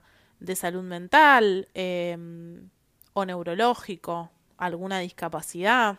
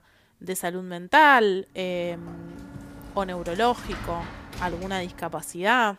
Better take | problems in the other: first | door banging; faint; from 2 to 5.5 s; peak 10 dB below the speech

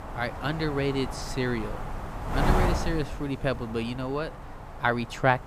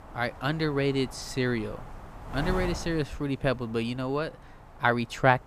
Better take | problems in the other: second | wind noise on the microphone; heavy; 5 dB below the speech; occasional gusts in the second

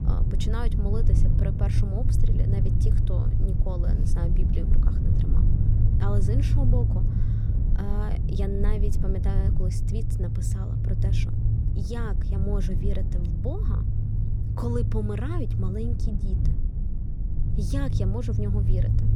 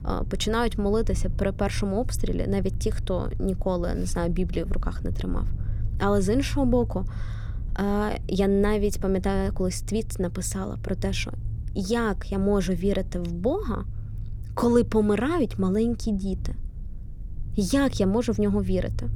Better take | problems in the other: second | low rumble; loud; throughout; 1 dB below the speech; faint in the second

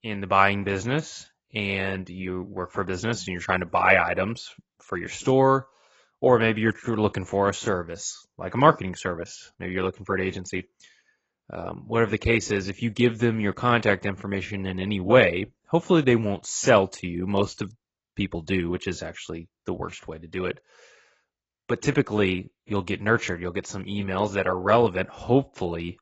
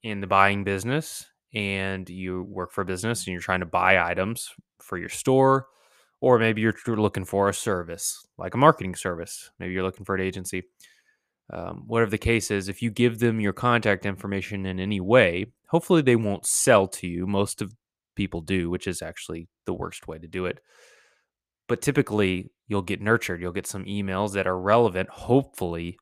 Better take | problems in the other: second | garbled, watery; badly; nothing above 7.5 kHz

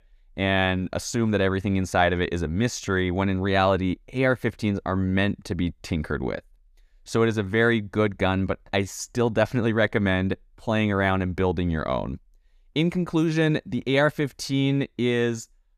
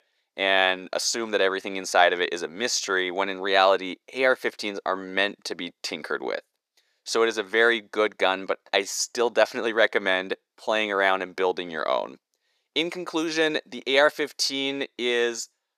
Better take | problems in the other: first | thin; very; fading below 400 Hz

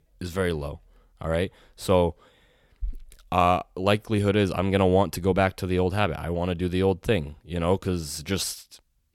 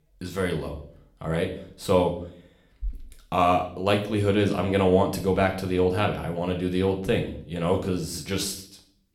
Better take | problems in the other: first | room echo; slight; dies away in 0.5 s // off-mic speech; somewhat distant

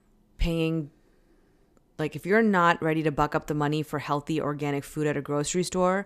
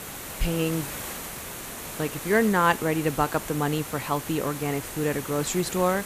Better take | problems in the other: first | hiss; loud; throughout; 9 dB below the speech

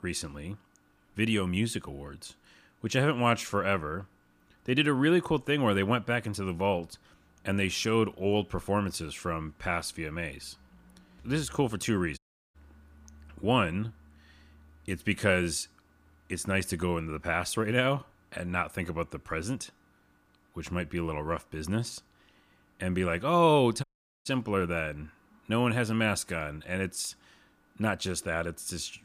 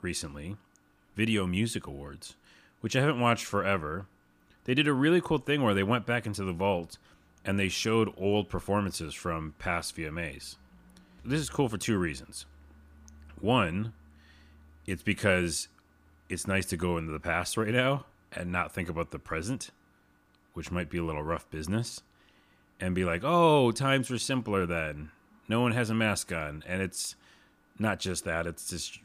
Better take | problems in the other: second | audio cutting out; at 12 s and at 24 s

